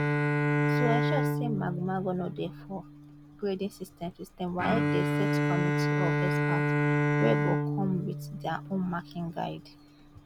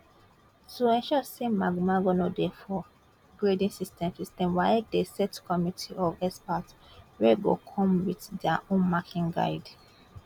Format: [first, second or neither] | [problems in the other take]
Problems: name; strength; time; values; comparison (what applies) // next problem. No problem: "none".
second | background sound (Bowed string instrument); 5 dB above the speech